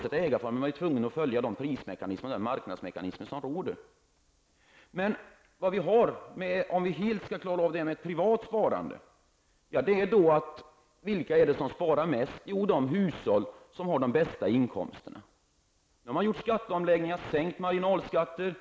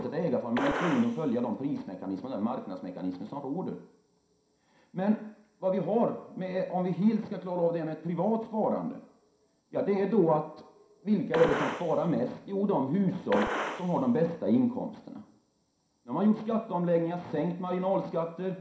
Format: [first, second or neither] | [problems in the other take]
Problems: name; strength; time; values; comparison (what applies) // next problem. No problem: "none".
first | background sound (Gunshot, gunfire); 6 dB below the speech // room echo; dies away in 0.5 s